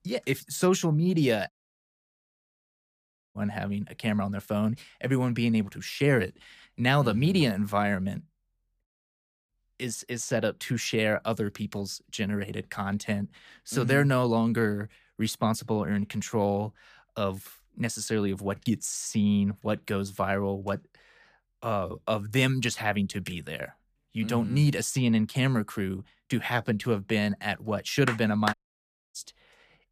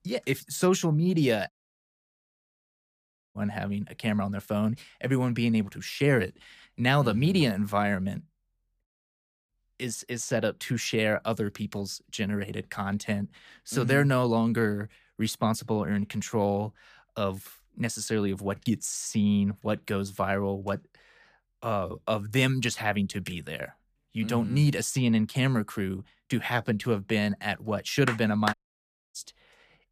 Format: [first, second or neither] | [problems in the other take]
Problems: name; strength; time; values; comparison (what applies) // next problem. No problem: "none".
neither | audio cutting out; at 1.5 s for 2 s and at 29 s for 0.5 s; the same in both